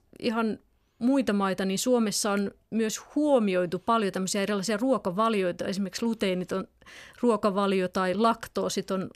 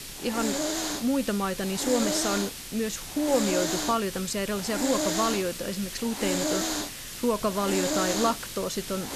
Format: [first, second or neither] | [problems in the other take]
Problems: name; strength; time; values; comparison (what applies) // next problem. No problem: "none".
first | hiss; loud; throughout; 2 dB below the speech